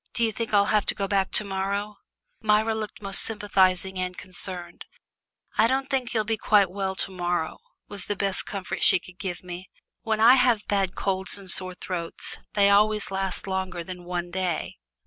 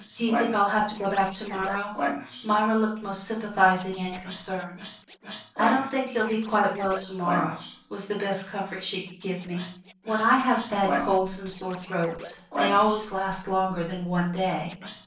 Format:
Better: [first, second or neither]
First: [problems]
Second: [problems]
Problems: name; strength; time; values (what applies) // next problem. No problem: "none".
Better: first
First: none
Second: noise reduction (neural separator model SepFormer DNS4)